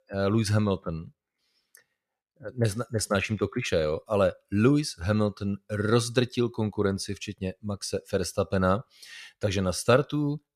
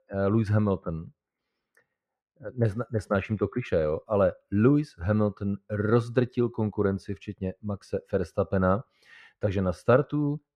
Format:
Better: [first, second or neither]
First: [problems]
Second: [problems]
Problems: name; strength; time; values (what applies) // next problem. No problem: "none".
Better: first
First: none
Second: muffled; very; fading above 3 kHz